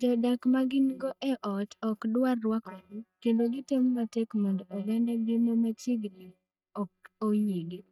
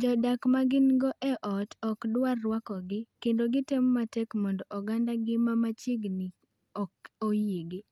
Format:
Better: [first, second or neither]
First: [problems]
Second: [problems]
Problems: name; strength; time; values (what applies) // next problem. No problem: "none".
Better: second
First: noise reduction (neural mask model DeepFilterNet 3)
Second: none